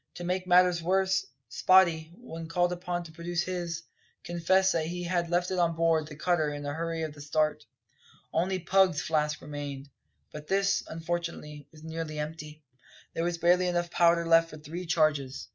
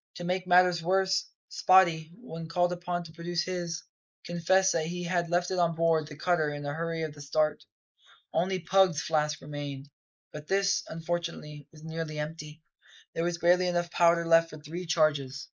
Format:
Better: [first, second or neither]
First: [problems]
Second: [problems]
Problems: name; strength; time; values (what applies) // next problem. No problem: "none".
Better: first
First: none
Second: noise reduction (neural mask model Resemble Enhance denoiser)